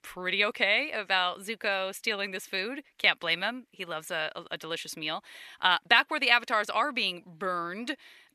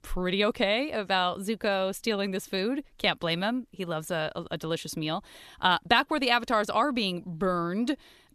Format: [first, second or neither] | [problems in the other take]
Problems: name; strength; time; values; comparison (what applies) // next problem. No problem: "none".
second | thin; somewhat; fading below 1 kHz